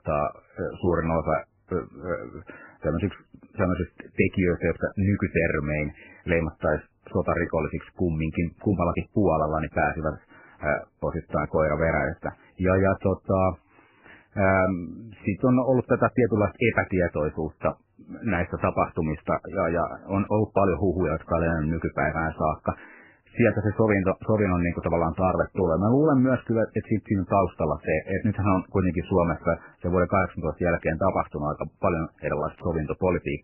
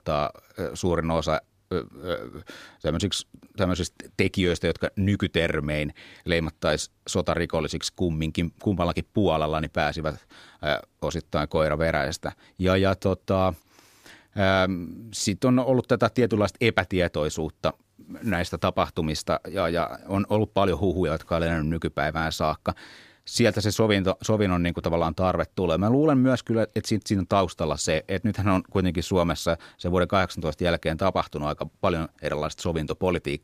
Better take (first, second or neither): second